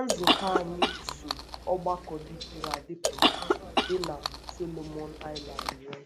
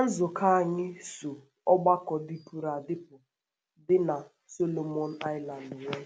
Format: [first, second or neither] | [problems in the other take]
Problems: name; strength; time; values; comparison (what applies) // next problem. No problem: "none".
second | background sound (Chewing, mastication / Cough); 5 dB above the speech